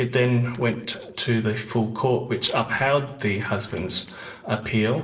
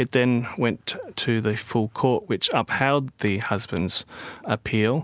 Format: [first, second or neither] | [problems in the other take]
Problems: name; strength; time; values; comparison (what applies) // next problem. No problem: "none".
second | noise reduction (neural separator model SepFormer DNS4)